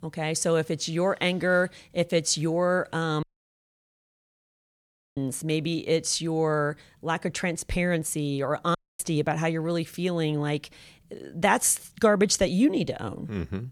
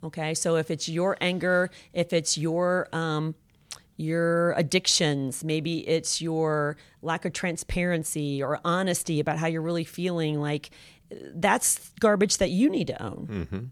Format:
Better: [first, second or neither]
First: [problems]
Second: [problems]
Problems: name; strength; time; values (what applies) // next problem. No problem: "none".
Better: second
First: audio cutting out; at 3 s for 2 s and at 9 s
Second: none